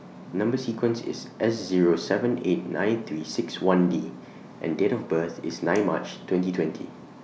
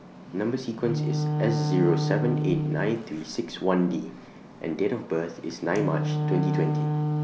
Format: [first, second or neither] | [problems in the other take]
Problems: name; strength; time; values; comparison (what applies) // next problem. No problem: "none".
first | background sound (Wind instrument, woodwind instrument); 1 dB below the speech